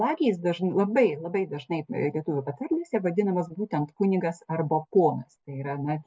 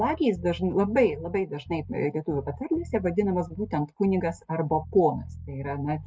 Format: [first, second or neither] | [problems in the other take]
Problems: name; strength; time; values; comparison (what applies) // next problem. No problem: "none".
first | background sound (Bass guitar); 16 dB below the speech